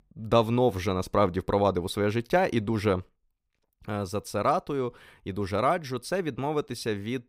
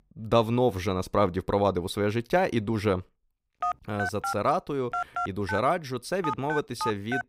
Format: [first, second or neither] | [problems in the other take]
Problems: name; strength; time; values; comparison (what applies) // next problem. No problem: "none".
first | phone ringing; noticeable; from 3.5 s on; peak 3 dB below the speech